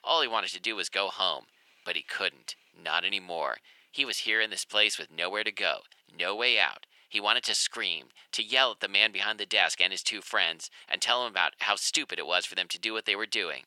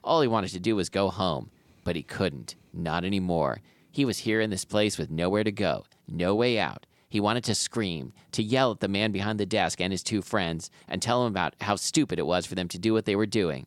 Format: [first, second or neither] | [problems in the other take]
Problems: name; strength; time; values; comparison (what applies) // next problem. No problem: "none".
second | thin; very; fading below 700 Hz